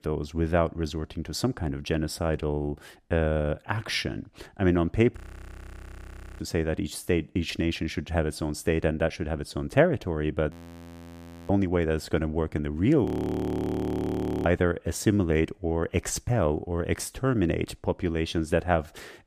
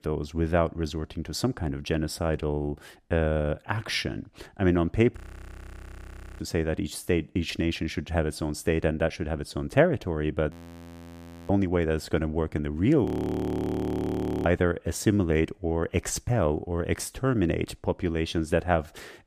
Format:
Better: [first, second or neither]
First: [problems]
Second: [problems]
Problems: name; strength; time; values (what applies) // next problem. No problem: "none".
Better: neither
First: audio freezing; at 5 s for 1 s, at 11 s for 1 s and at 13 s for 1.5 s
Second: audio freezing; at 5 s for 1 s, at 11 s for 1 s and at 13 s for 1.5 s